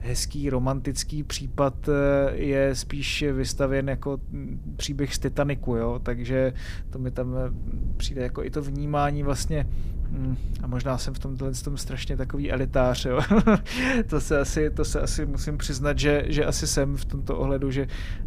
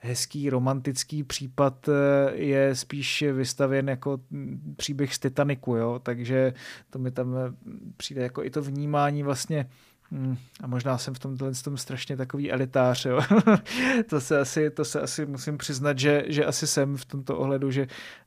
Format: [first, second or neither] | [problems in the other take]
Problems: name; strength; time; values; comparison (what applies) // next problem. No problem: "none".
second | low rumble; faint; throughout; 25 dB below the speech